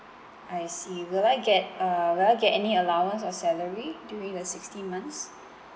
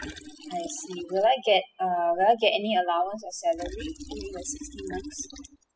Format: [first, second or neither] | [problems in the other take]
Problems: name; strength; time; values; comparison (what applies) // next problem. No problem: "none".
first | noise reduction (classical method spectral subtraction)